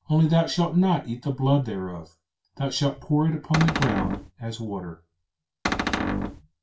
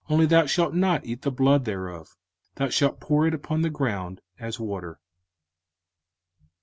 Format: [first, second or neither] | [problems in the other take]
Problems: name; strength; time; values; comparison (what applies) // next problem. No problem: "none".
second | background sound (Cupboard open or close); 1 dB below the speech // room echo; dies away in 0.2 s